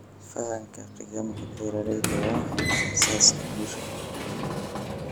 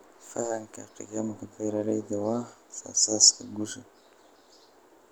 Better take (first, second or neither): second